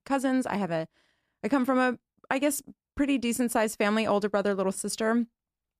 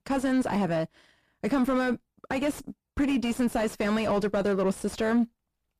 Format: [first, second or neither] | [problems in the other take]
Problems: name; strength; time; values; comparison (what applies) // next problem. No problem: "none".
first | distortion; heavy; 6 dB below the speech